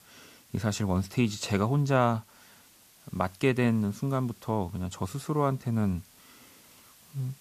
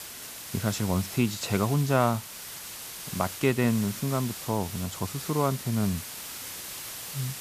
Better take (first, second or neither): first